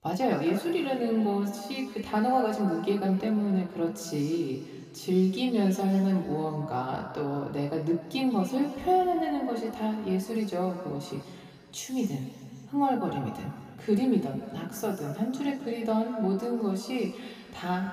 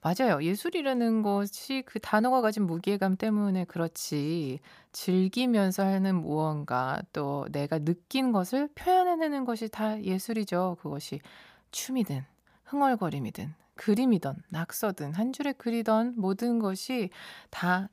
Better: second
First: room echo; noticeable; dies away in 2.2 s // off-mic speech; somewhat distant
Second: none

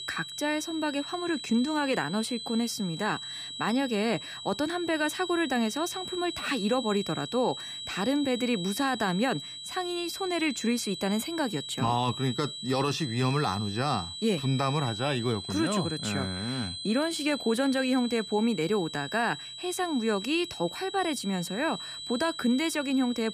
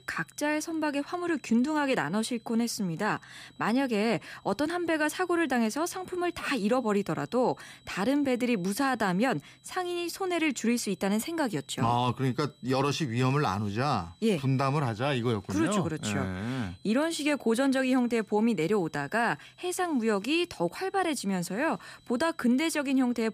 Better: second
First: high-pitched whine; loud; throughout; 4 kHz, 8 dB below the speech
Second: high-pitched whine; faint; throughout; 4 kHz, 30 dB below the speech

